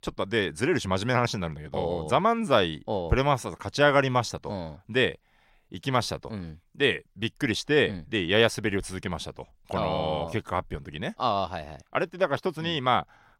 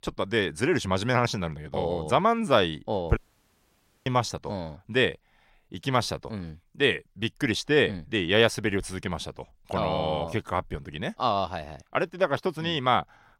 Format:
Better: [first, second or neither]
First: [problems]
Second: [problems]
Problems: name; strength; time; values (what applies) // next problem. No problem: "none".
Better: first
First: none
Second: audio cutting out; at 3 s for 1 s